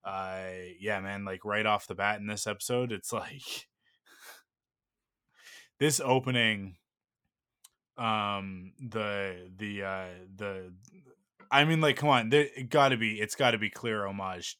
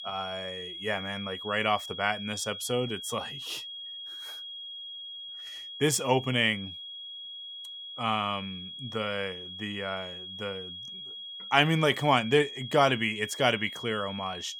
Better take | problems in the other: first | high-pitched whine; loud; throughout; 3.5 kHz, 10 dB below the speech

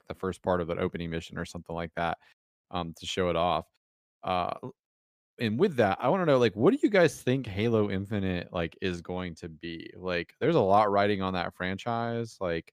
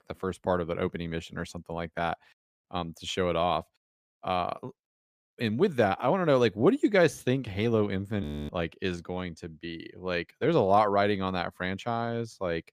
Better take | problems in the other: first | audio freezing; at 8 s

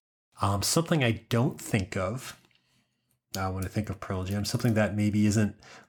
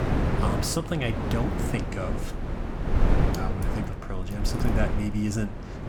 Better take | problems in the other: first | wind noise on the microphone; heavy; 1 dB below the speech

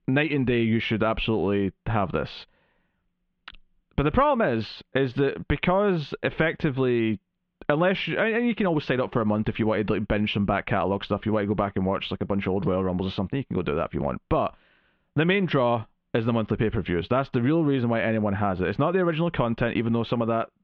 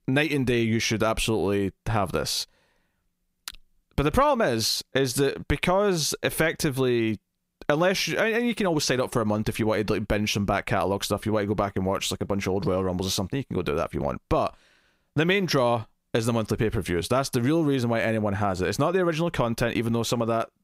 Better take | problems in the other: second | muffled; very; fading above 3 kHz

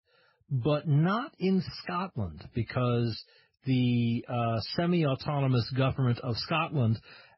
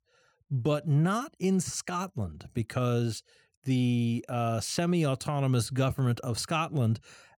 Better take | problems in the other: second | garbled, watery; badly; nothing above 5.5 kHz

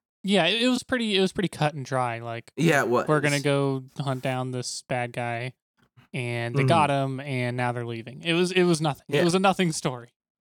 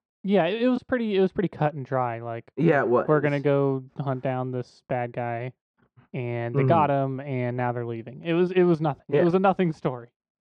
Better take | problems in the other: first | muffled; very; fading above 1.5 kHz

